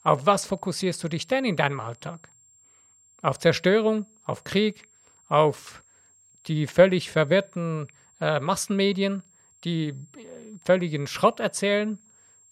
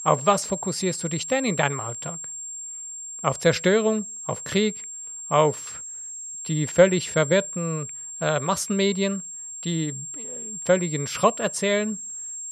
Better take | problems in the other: first | high-pitched whine; loud; throughout; 7.5 kHz, 9 dB below the speech; faint in the first

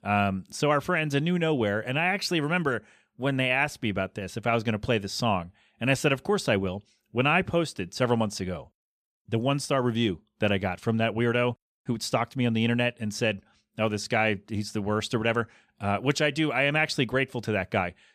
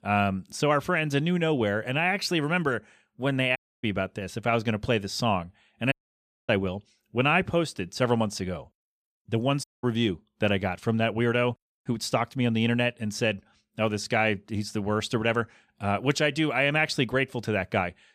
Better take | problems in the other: first | audio cutting out; at 3.5 s, at 6 s for 0.5 s and at 9.5 s

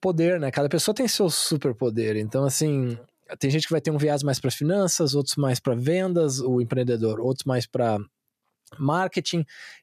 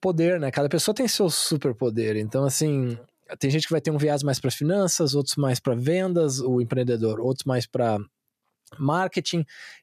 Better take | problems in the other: neither | none

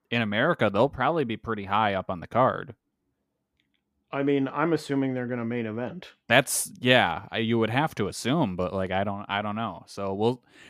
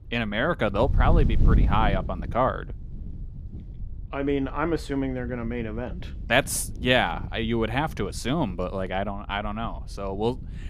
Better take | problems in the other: first | wind noise on the microphone; occasional gusts; 15 dB below the speech

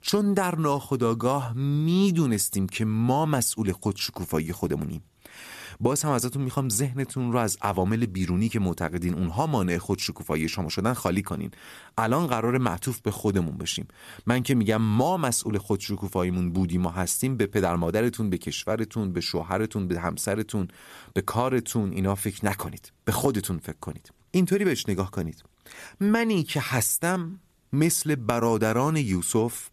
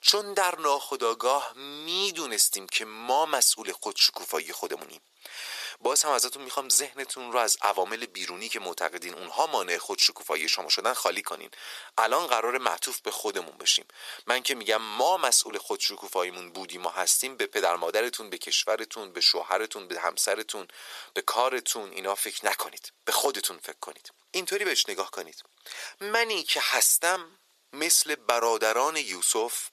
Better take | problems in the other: first | thin; very; fading below 450 Hz

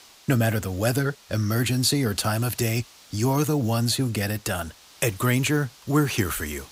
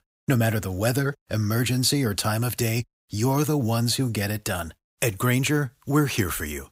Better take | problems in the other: second | hiss; faint; throughout; 25 dB below the speech

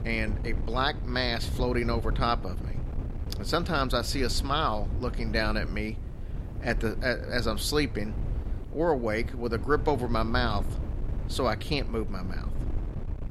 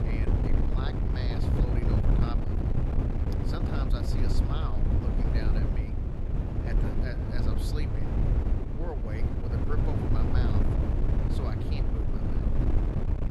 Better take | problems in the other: first | wind noise on the microphone; heavy; 4 dB above the speech; occasional gusts in the first

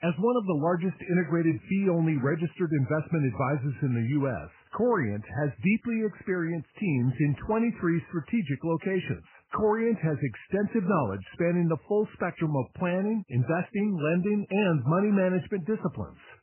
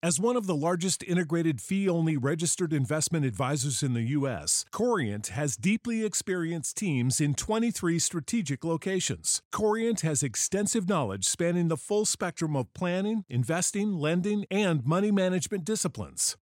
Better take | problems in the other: second | garbled, watery; badly; nothing above 3 kHz

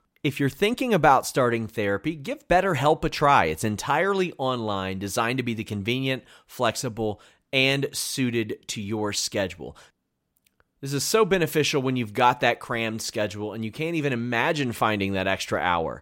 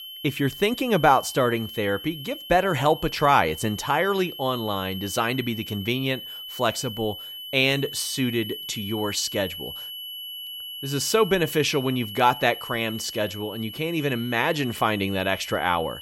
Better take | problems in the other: first | high-pitched whine; noticeable; throughout; 3 kHz, 10 dB below the speech

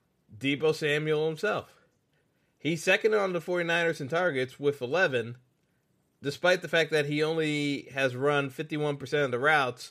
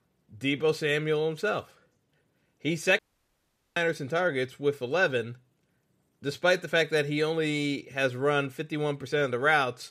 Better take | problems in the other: first | audio cutting out; at 3 s for 1 s

